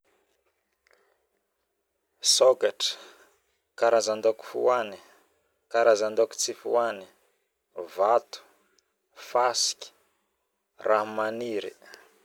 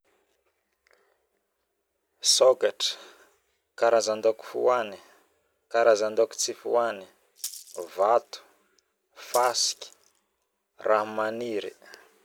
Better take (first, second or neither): first